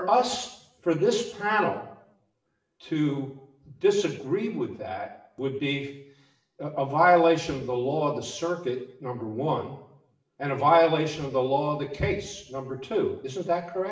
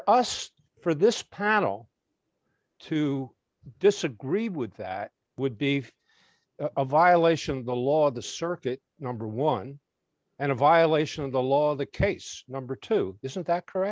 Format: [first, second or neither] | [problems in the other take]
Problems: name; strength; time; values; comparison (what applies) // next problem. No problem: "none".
second | room echo; dies away in 0.7 s